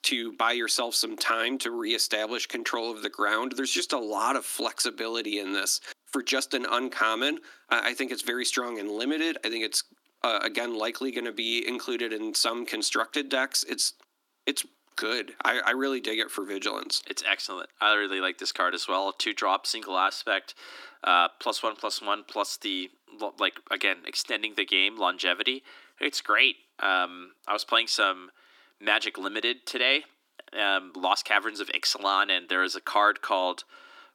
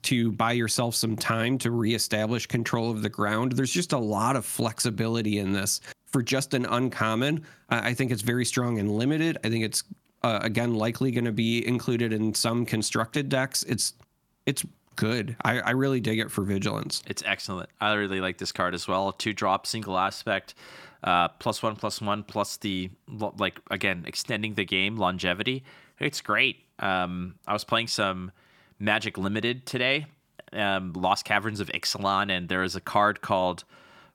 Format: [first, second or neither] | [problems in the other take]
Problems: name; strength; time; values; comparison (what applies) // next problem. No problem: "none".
second | thin; somewhat; fading below 300 Hz